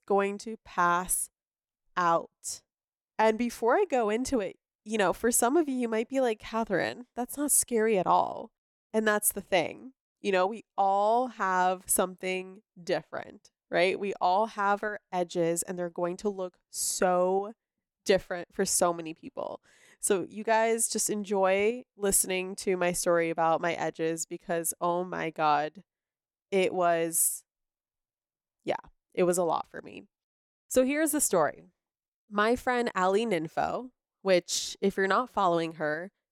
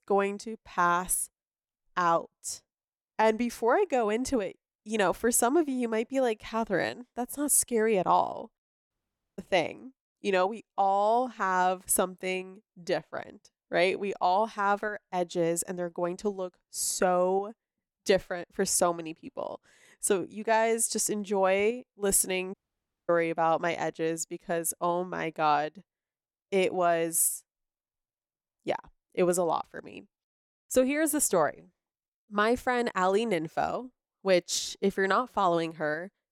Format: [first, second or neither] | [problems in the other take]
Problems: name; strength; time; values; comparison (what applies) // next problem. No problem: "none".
first | audio cutting out; at 9 s and at 23 s for 0.5 s